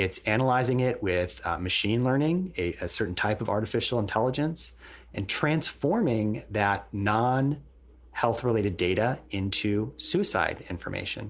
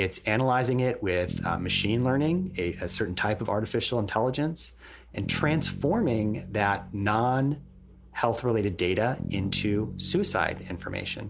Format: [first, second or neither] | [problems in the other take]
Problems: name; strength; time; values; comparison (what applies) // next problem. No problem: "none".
first | background sound (Bass guitar); 12 dB below the speech